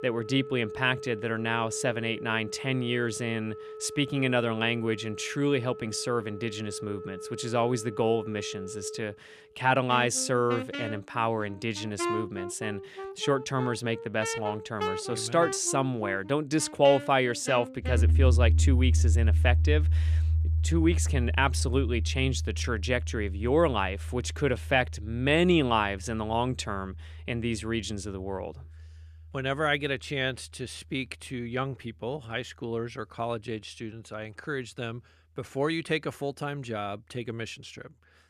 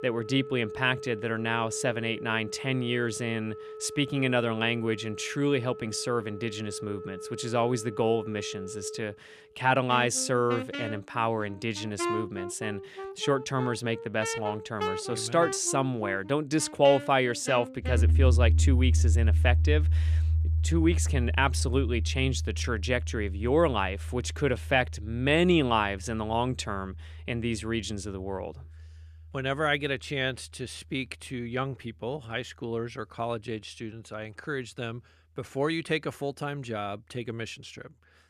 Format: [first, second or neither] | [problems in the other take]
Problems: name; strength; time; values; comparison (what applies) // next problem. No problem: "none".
neither | background music; loud; throughout; 3 dB below the speech; the same in both